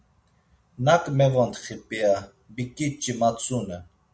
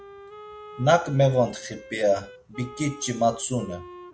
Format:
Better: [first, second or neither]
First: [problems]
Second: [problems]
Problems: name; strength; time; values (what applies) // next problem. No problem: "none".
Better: first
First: none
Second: background sound (Wind instrument, woodwind instrument); 18 dB below the speech